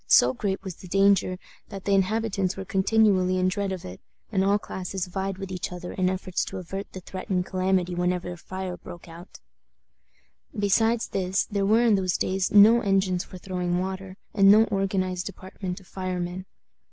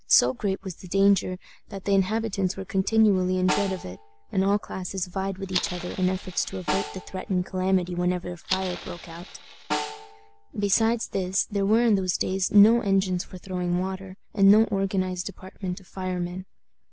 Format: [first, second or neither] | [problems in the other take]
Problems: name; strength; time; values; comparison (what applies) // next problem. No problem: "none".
first | background sound (Fire + Snare drum); 11 dB below the speech